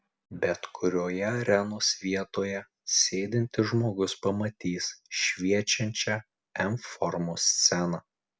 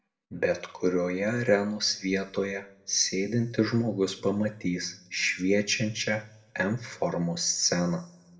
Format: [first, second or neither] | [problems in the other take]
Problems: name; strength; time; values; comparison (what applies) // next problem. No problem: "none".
first | room echo; dies away in 0.5 s